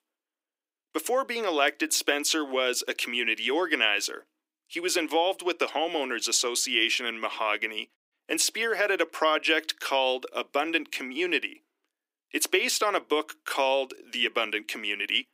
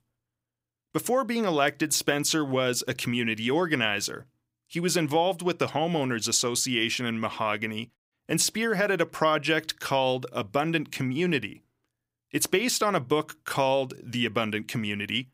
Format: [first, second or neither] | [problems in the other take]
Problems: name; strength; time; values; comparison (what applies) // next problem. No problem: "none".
second | thin; somewhat; fading below 300 Hz